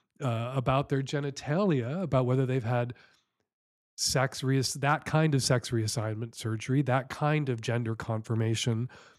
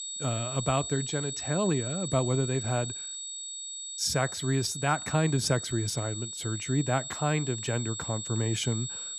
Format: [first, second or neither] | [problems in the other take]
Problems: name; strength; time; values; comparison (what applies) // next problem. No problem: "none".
first | high-pitched whine; loud; throughout; 8 kHz, 5 dB below the speech